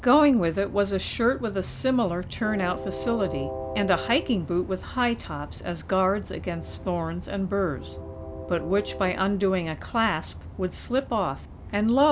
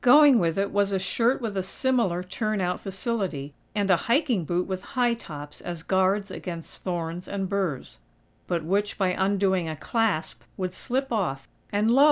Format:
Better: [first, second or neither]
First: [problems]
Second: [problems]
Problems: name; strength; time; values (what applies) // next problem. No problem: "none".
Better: second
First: background sound (Train); 12 dB below the speech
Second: none